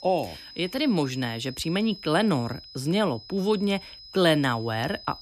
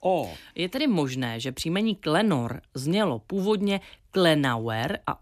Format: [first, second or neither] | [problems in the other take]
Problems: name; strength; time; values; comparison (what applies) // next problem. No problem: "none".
second | high-pitched whine; noticeable; throughout; 5 kHz, 15 dB below the speech